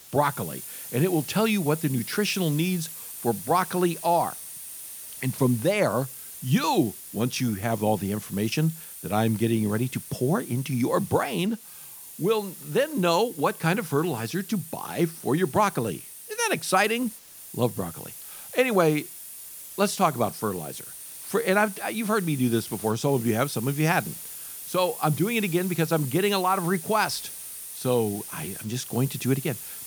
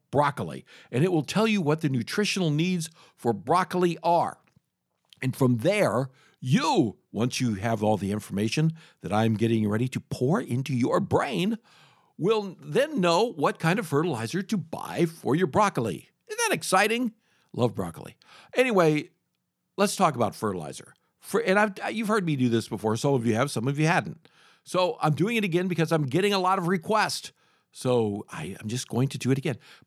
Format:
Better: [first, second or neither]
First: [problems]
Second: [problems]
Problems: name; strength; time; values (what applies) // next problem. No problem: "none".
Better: second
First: hiss; noticeable; throughout; 10 dB below the speech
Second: none